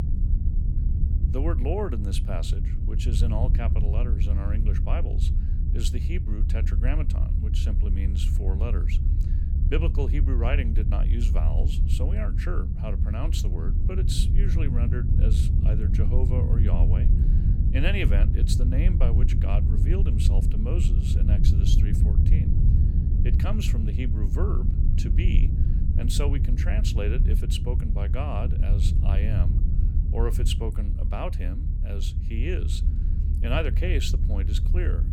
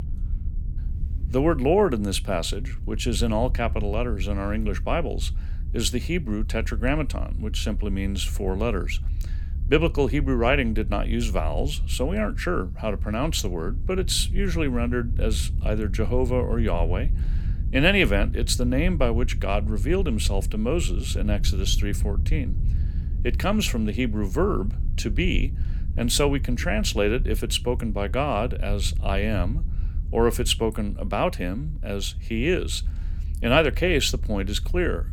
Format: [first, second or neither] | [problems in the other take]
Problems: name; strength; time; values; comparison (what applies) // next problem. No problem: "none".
second | low rumble; loud; throughout; 4 dB below the speech; faint in the second